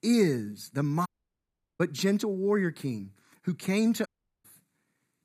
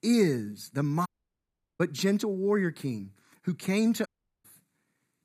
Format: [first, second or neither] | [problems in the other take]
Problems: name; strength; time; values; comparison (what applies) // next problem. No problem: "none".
neither | audio cutting out; at 1 s for 0.5 s and at 4 s; the same in both